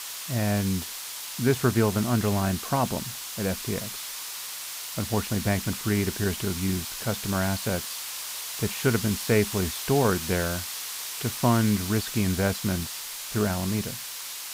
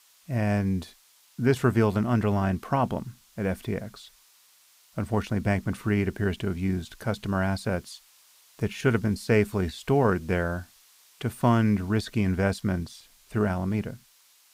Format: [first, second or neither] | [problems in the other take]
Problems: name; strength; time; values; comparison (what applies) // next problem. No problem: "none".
second | hiss; loud; throughout; 5 dB below the speech; faint in the second